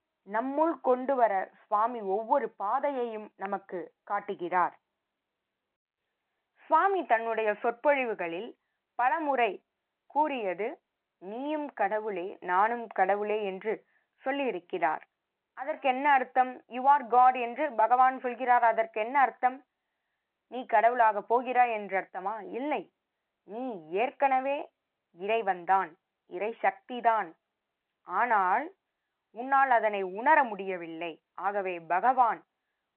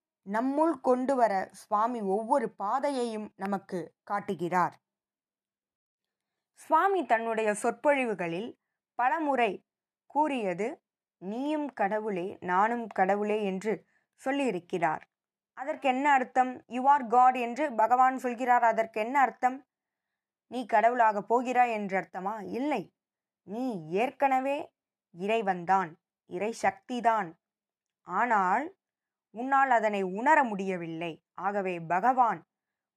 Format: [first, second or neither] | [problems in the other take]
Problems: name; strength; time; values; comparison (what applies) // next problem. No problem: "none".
second | phone-call audio